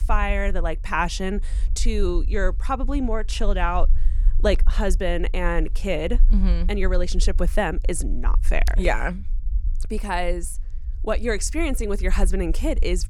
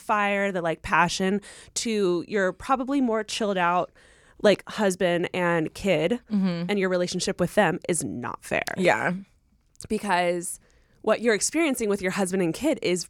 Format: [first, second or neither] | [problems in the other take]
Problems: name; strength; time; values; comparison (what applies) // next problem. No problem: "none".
second | low rumble; faint; throughout; 25 dB below the speech